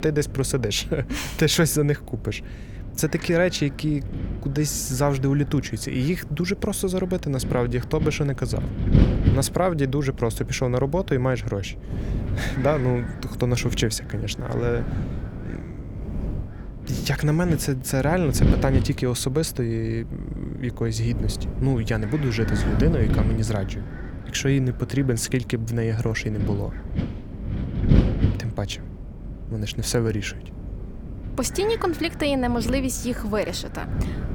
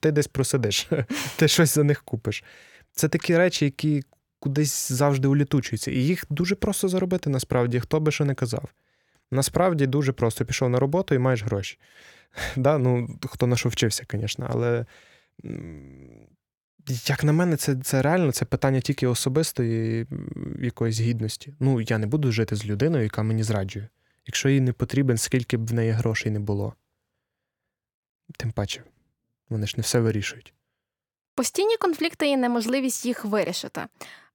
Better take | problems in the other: second | wind noise on the microphone; occasional gusts; 10 dB below the speech

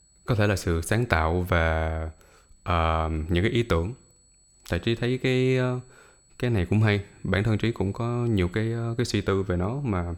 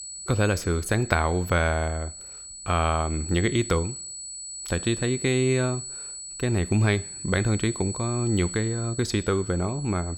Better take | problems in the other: first | high-pitched whine; loud; throughout; 8 kHz, 9 dB below the speech; faint in the first

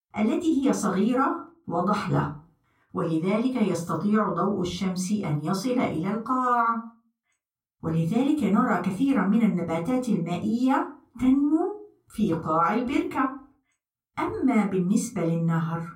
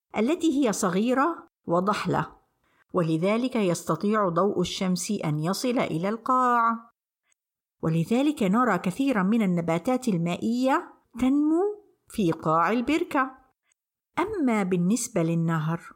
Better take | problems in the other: second | off-mic speech; far // room echo; very slight; dies away in 0.3 s

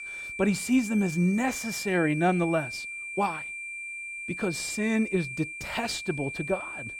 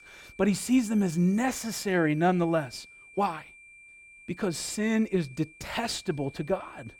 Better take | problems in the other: second | high-pitched whine; loud; throughout; 2.5 kHz, 7 dB below the speech; faint in the second

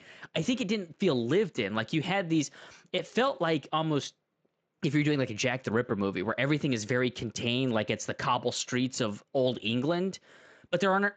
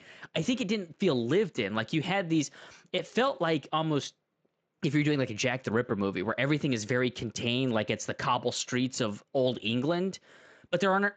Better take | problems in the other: neither | garbled, watery; slightly; nothing above 7.5 kHz; the same in both

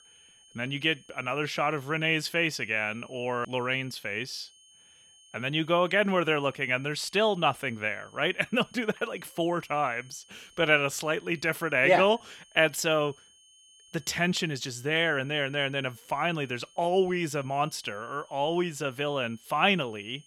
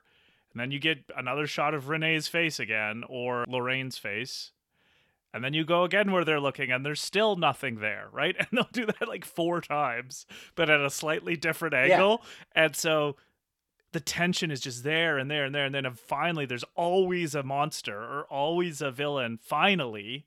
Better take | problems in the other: second | high-pitched whine; faint; throughout; 3 kHz, 30 dB below the speech

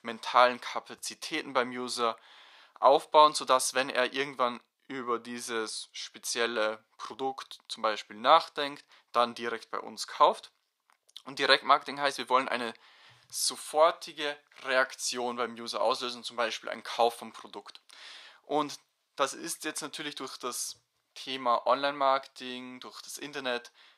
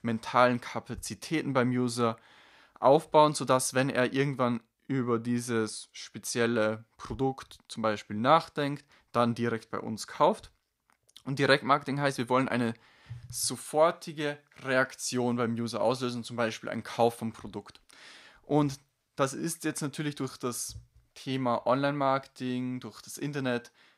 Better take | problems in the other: second | thin; somewhat; fading below 450 Hz

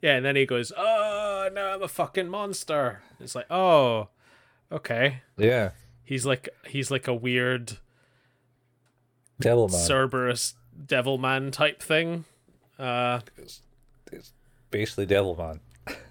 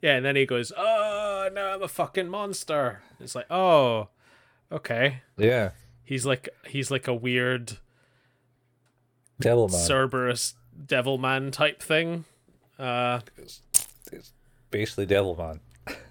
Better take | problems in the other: first | jangling keys; loud; at 14 s; peak 2 dB above the speech

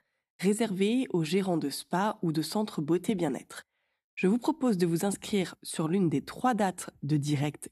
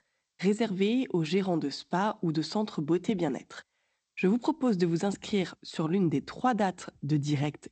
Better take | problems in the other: first | garbled, watery; slightly; nothing above 8 kHz

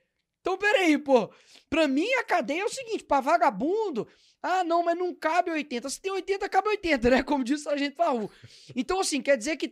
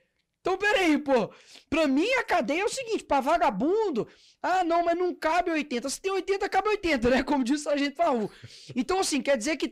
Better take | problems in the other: first | distortion; slight; 10 dB below the speech

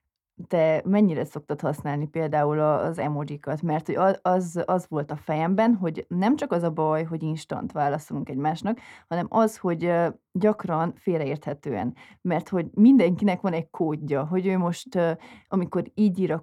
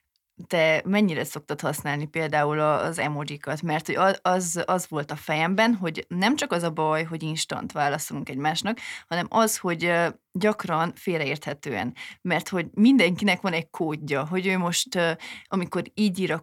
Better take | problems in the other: second | muffled; slightly; fading above 1.5 kHz

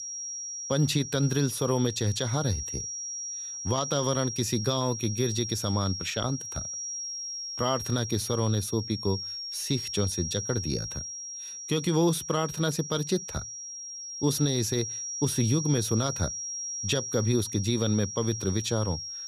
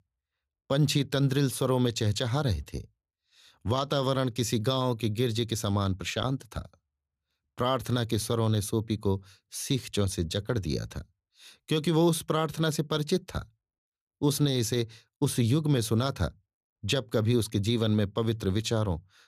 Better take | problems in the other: second | high-pitched whine; loud; throughout; 5.5 kHz, 5 dB below the speech

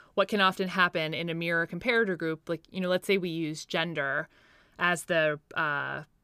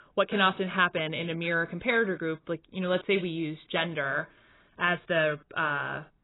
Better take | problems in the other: first | garbled, watery; badly; nothing above 4 kHz

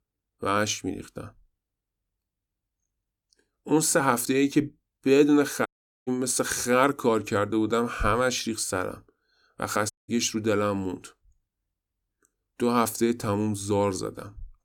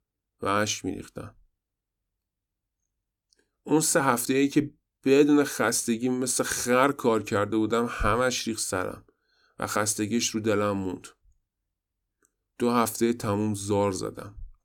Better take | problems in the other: second | audio cutting out; at 5.5 s and at 10 s

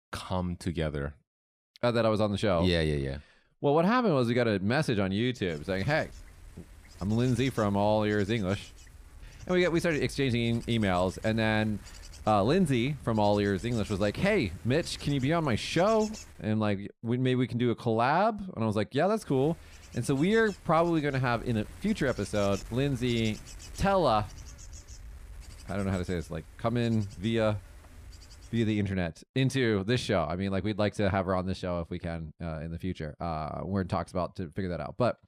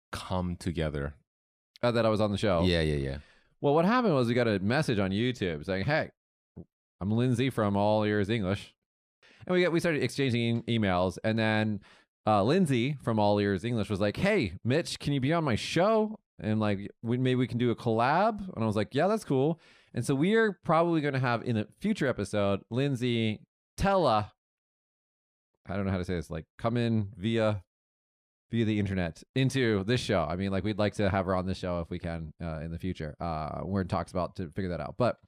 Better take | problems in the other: second | wind noise on the microphone; occasional gusts; from 5.5 to 16 s and from 19 to 29 s; 20 dB below the speech

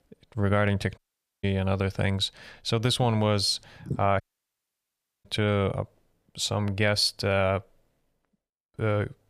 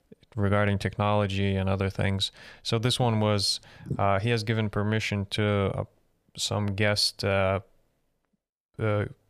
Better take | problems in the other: second | audio cutting out; at 1 s and at 4 s for 1 s

